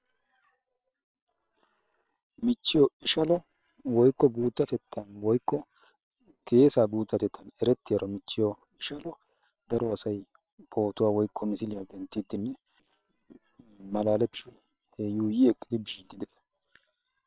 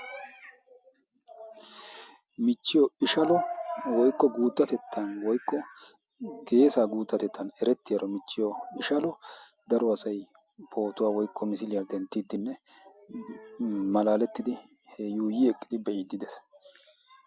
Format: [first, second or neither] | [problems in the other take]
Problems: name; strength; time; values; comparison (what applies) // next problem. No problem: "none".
second | noise reduction (neural separator model SepFormer WHAM!)